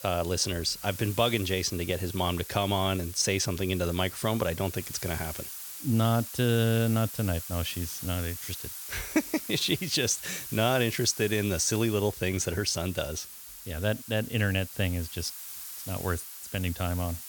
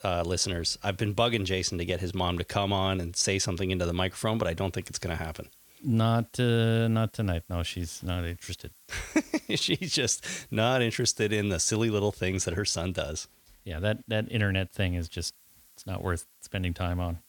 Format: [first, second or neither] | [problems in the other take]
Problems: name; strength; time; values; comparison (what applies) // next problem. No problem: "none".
second | hiss; loud; throughout; 10 dB below the speech; faint in the second